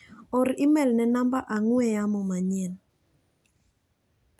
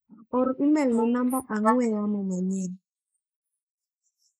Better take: first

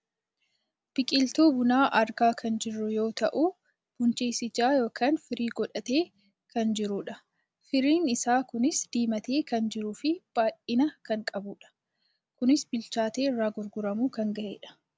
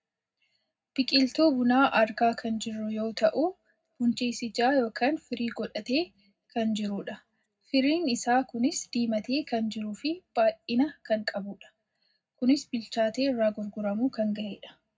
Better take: first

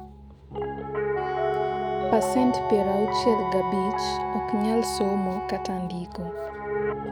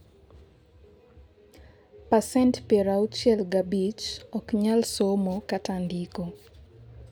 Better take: second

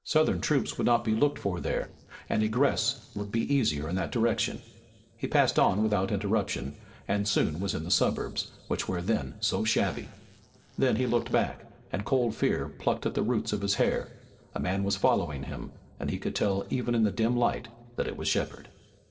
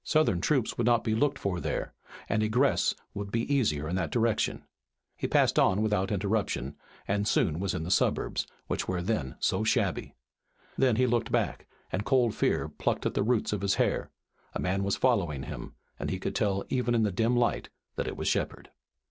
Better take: second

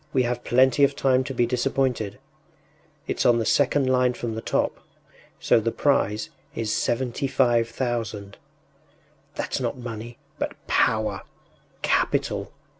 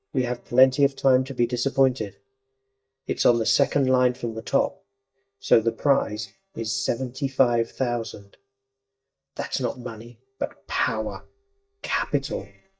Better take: first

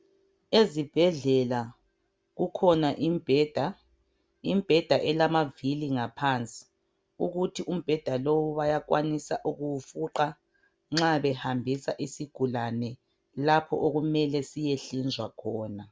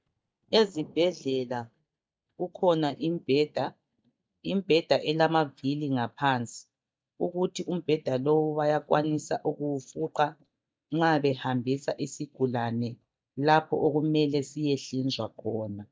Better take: first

